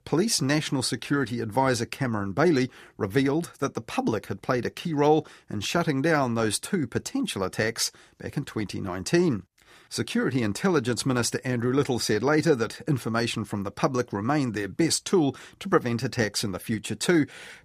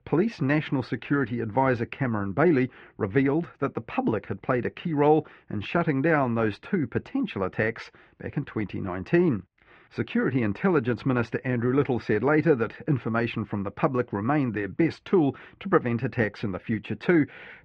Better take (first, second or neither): first